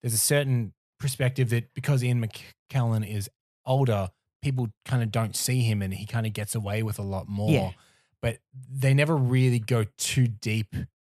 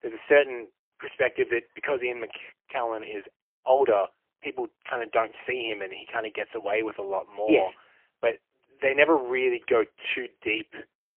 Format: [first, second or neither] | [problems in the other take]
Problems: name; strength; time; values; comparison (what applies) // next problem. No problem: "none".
first | phone-call audio; poor line; nothing above 3 kHz